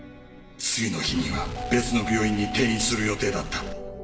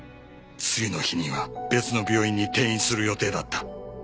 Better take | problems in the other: second | background sound (Explosion); 10 dB below the speech // room echo; dies away in 0.8 s

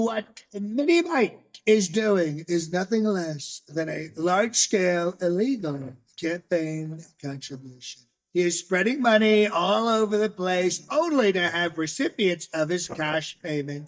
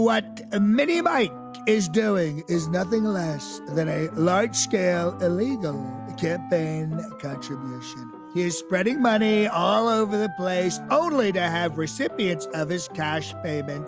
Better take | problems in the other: second | noise reduction (neural mask model DeepFilterNet 3)

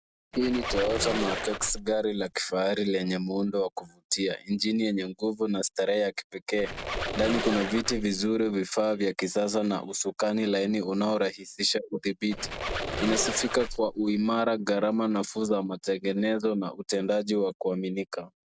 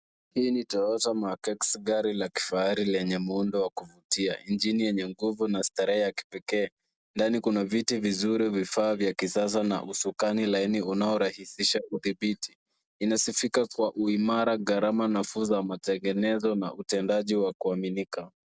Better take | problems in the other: second | background sound (Squeak); 6 dB below the speech

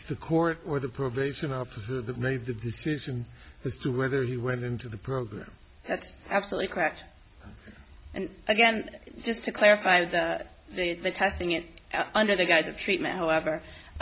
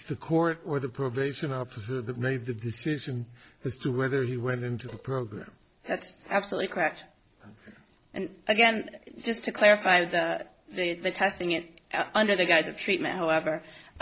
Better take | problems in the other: first | noise reduction (neural separator model SepFormer DNS4)

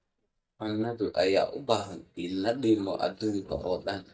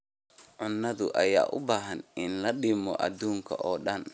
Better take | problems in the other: second | noise reduction (neural mask model DeepFilterNet 3)

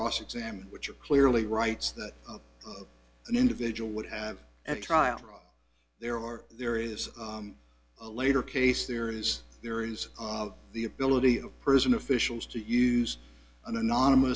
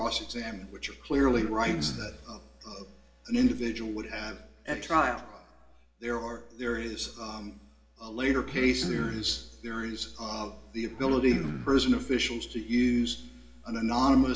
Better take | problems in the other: first | background sound (Cough); 9 dB below the speech // room echo; dies away in 1.1 s

